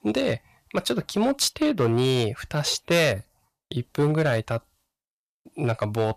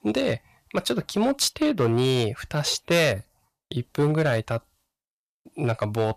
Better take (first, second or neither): neither